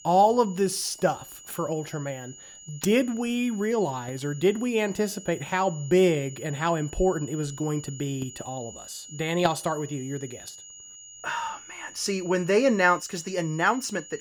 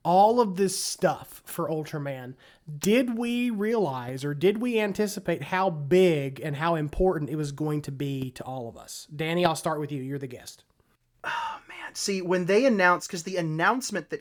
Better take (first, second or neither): second